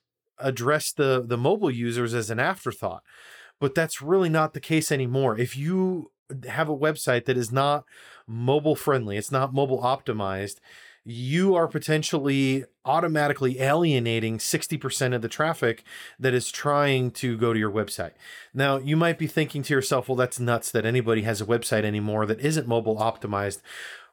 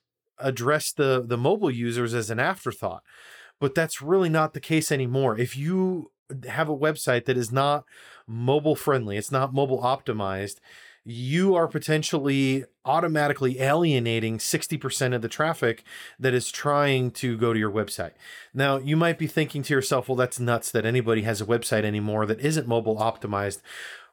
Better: neither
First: none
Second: none

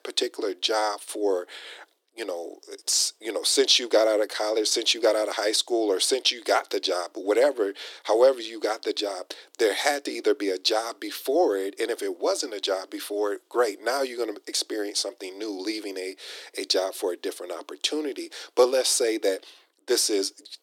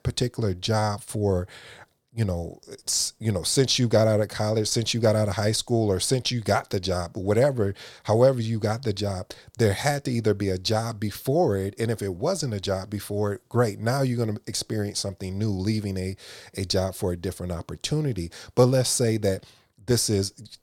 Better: second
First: thin; very; fading below 300 Hz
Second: none

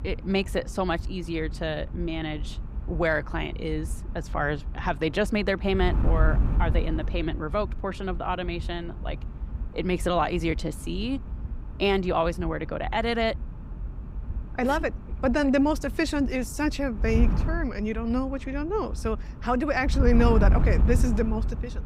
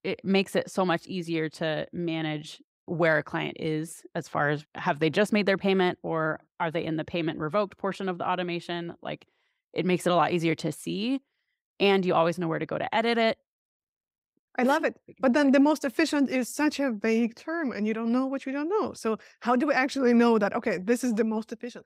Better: second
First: wind noise on the microphone; occasional gusts; 15 dB below the speech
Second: none

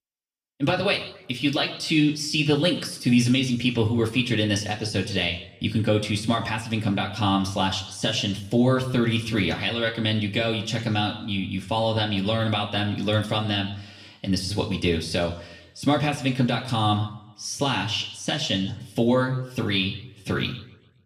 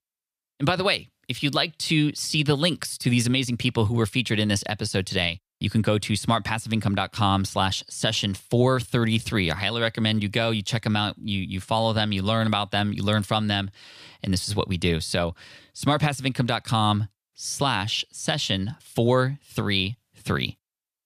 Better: second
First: room echo; slight; dies away in 0.7 s // off-mic speech; somewhat distant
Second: none

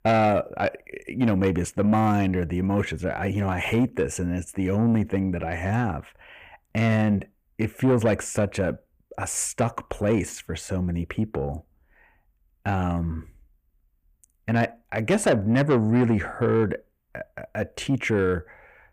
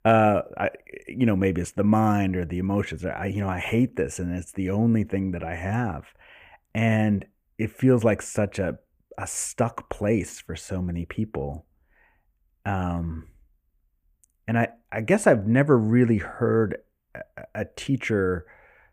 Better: second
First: distortion; slight; 10 dB below the speech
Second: none

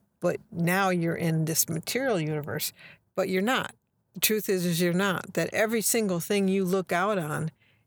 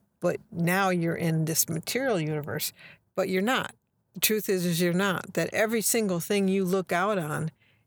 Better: neither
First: none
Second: none

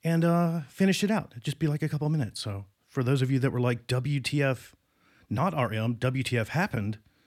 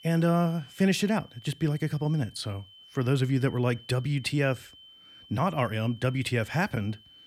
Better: first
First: none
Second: high-pitched whine; faint; throughout; 3 kHz, 20 dB below the speech

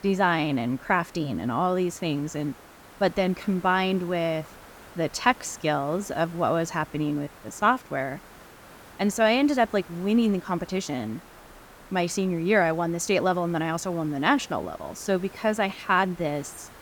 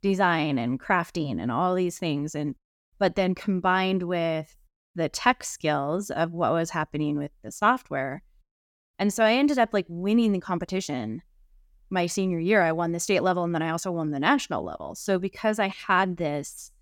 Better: second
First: hiss; faint; throughout; 20 dB below the speech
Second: none

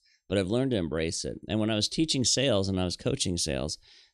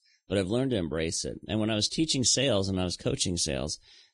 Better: first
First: none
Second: garbled, watery; badly

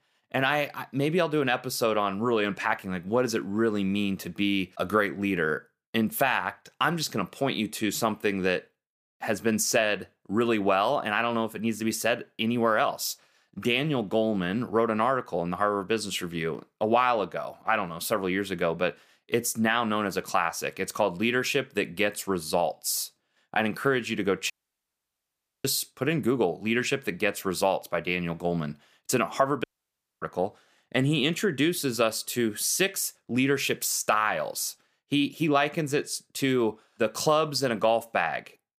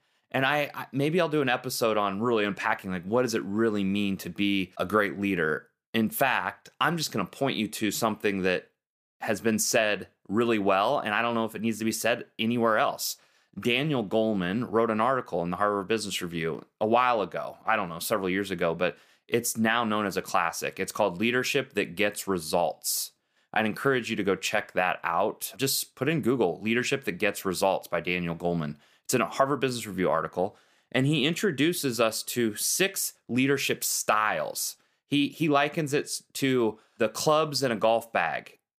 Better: second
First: audio cutting out; at 25 s for 1 s and at 30 s for 0.5 s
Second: none

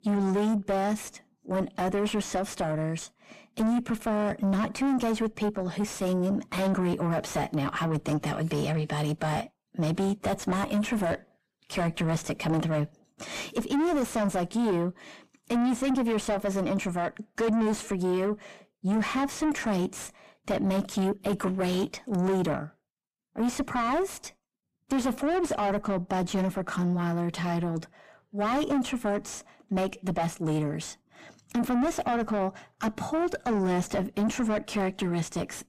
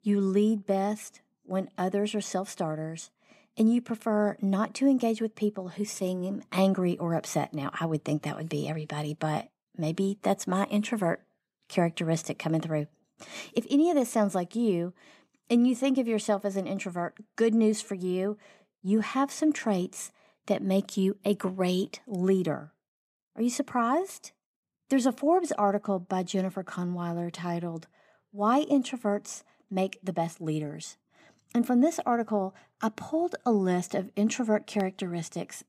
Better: second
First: distortion; heavy; 5 dB below the speech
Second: none

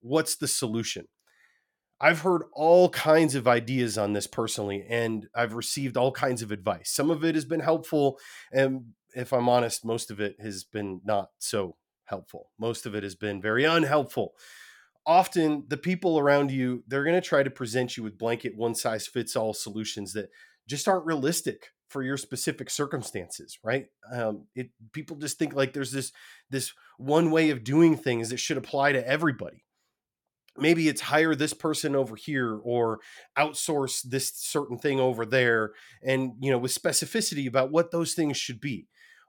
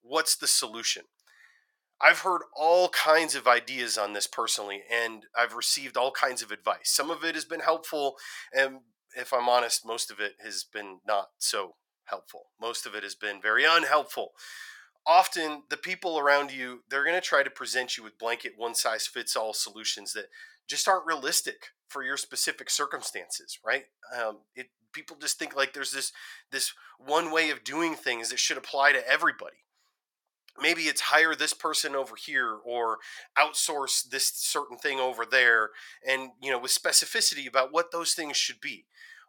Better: first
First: none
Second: thin; very; fading below 750 Hz

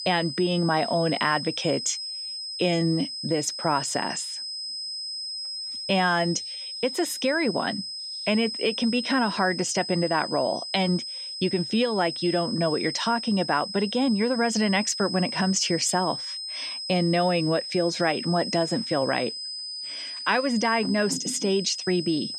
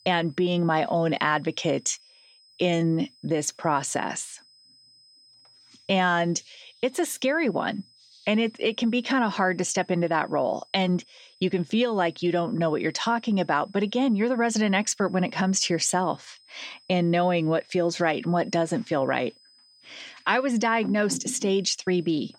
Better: second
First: high-pitched whine; loud; throughout; 5 kHz, 6 dB below the speech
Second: high-pitched whine; faint; throughout; 5 kHz, 30 dB below the speech

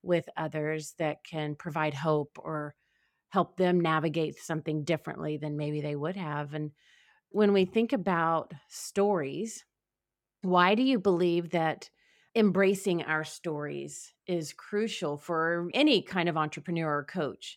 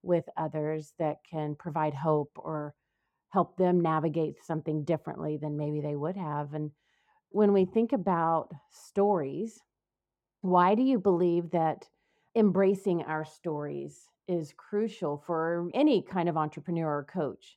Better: first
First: none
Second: muffled; slightly; fading above 1 kHz

